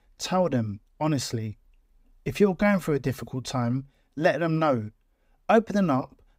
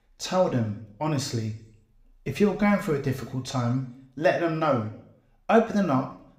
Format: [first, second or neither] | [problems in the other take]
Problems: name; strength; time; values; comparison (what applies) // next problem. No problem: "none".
first | room echo; very slight; dies away in 0.6 s